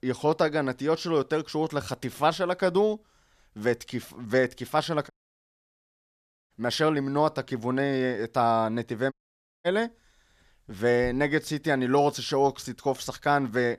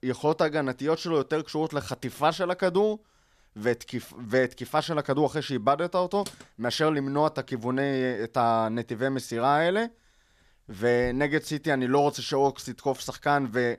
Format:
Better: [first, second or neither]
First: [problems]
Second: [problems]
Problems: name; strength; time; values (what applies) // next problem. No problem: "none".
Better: second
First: audio cutting out; at 5 s for 1.5 s and at 9 s for 0.5 s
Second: none